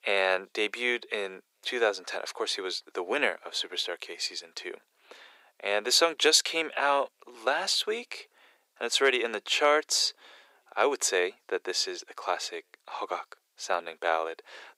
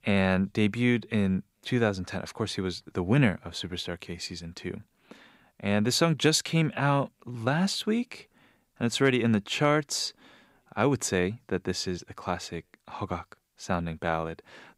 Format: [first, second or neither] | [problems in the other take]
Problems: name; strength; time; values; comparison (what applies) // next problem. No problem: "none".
second | thin; very; fading below 400 Hz